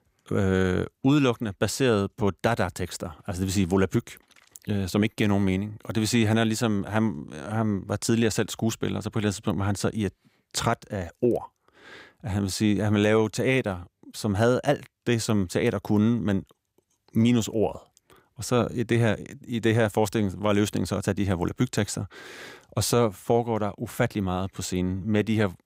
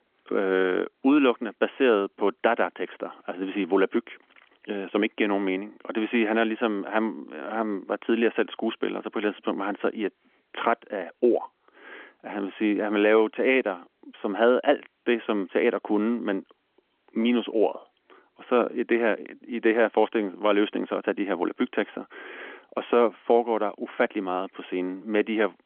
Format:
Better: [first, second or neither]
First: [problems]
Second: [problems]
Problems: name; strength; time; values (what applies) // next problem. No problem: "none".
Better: first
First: none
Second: phone-call audio; nothing above 3.5 kHz